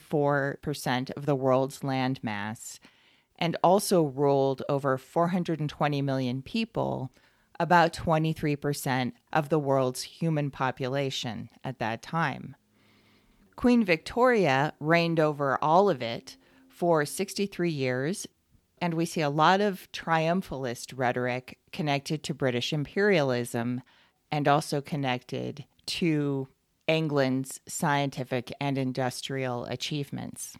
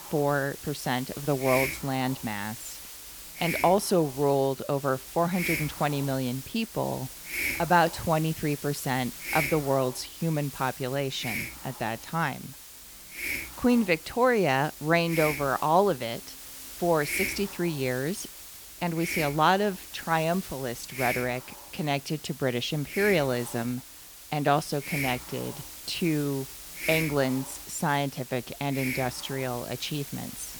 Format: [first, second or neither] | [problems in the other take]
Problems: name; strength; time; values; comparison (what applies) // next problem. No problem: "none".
first | hiss; loud; throughout; 8 dB below the speech